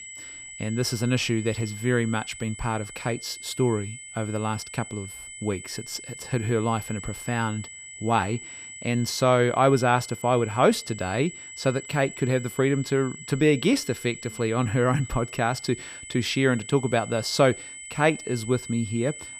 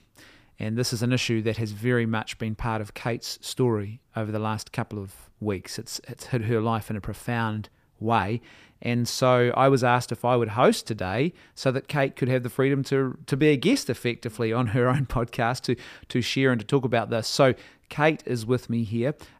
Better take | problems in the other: second | high-pitched whine; noticeable; throughout; 2 kHz, 15 dB below the speech

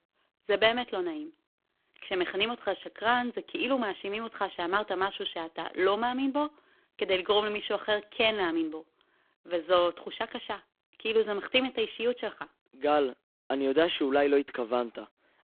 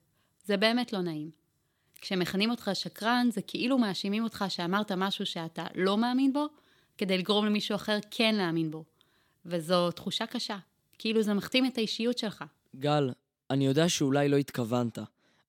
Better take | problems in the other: second | phone-call audio; poor line

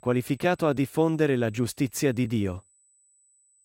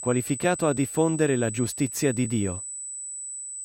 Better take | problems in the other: first | high-pitched whine; loud; throughout; 8 kHz, 8 dB below the speech; faint in the first

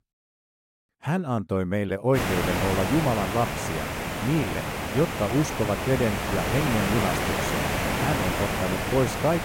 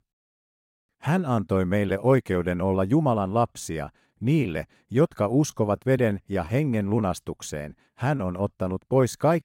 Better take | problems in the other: second | hiss; loud; from 2 s on; as loud as the speech

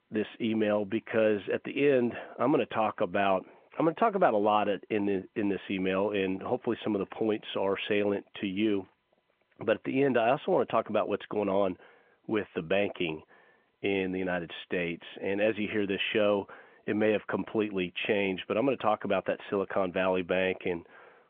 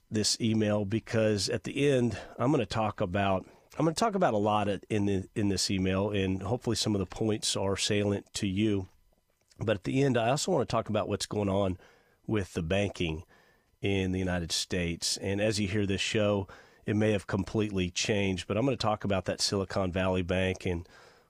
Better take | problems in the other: second | phone-call audio; nothing above 3.5 kHz

